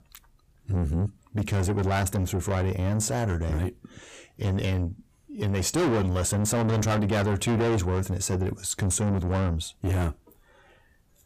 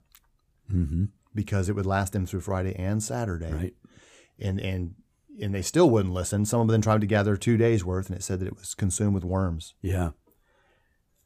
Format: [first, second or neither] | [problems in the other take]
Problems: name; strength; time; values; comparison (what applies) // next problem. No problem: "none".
second | distortion; heavy; 6 dB below the speech